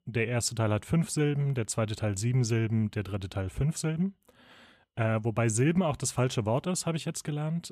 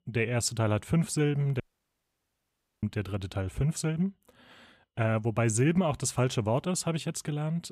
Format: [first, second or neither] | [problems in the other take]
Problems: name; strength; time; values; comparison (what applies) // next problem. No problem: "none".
first | audio cutting out; at 1.5 s for 1 s